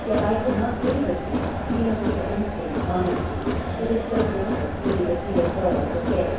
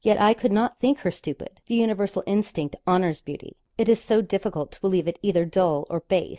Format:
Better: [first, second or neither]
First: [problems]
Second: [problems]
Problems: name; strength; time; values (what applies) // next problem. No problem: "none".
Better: second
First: background sound (Crowd); as loud as the speech // room echo; dies away in 0.7 s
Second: none